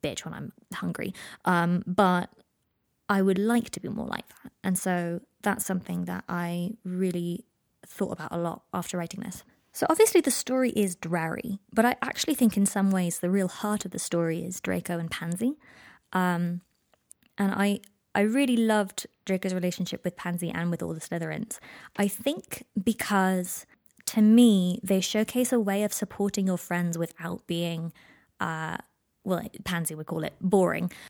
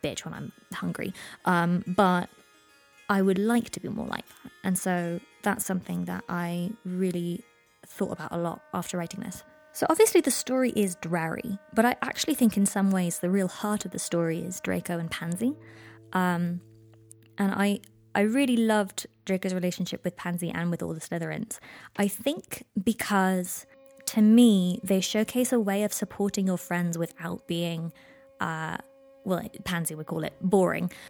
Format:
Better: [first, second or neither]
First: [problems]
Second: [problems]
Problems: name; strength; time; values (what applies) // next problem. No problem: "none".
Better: first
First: none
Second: background music; faint; throughout; 30 dB below the speech